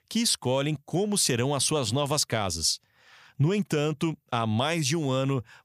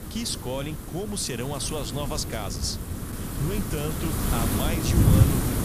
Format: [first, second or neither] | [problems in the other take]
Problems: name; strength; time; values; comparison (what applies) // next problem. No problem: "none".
first | wind noise on the microphone; heavy; 1 dB below the speech